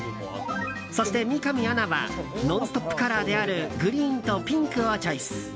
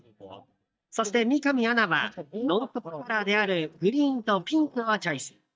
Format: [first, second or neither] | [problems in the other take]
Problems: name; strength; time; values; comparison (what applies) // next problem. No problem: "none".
first | noise reduction (neural mask model DeepFilterNet 3)